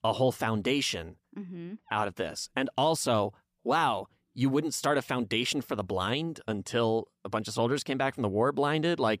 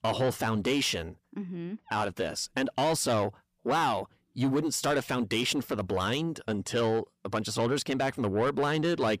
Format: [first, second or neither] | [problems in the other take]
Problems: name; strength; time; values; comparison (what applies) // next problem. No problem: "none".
first | distortion; slight; 10 dB below the speech